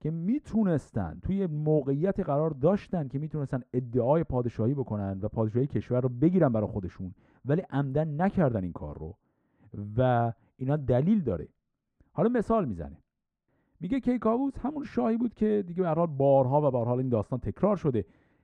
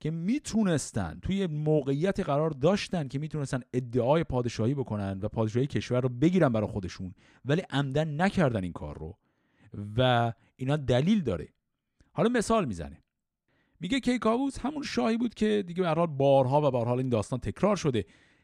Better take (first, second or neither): second